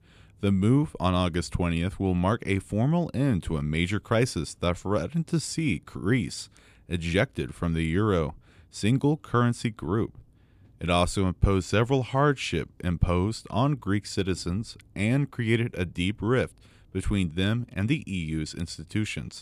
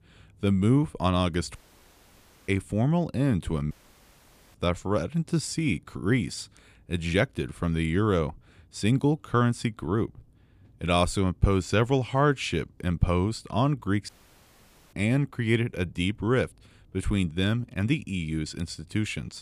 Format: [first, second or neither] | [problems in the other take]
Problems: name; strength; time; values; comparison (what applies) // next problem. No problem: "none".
first | audio cutting out; at 1.5 s for 1 s, at 3.5 s for 1 s and at 14 s for 1 s